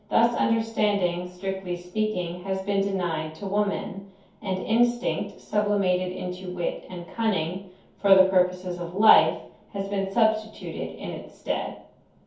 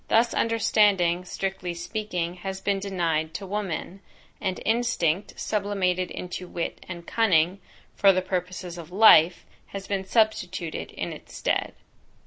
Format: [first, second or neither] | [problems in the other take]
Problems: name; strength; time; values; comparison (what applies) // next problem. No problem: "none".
second | room echo; dies away in 0.6 s